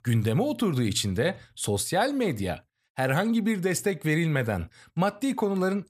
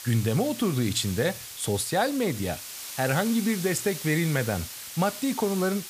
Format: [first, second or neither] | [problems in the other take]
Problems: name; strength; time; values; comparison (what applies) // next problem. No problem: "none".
first | hiss; loud; throughout; 9 dB below the speech